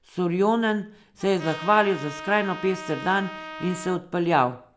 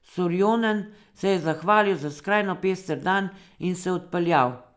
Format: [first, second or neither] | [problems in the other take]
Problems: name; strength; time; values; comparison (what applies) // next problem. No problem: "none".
second | background sound (Trumpet); 13 dB below the speech